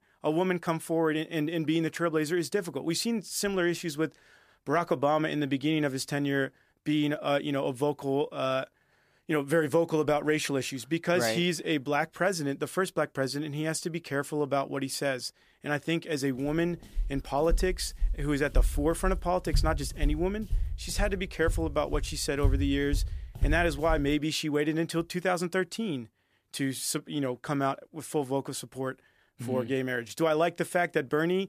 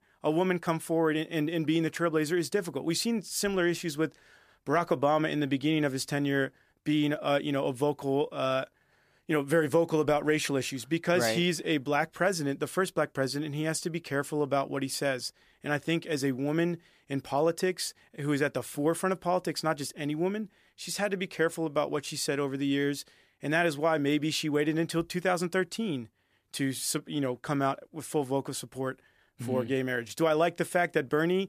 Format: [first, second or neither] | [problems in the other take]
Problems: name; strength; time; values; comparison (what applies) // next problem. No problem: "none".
second | footsteps; noticeable; from 17 to 24 s; peak level with the speech